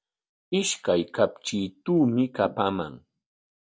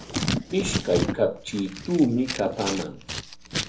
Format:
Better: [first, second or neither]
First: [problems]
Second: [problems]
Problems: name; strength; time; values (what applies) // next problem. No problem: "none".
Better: first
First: none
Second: background sound (Scissors); 4 dB below the speech // room echo; dies away in 0.3 s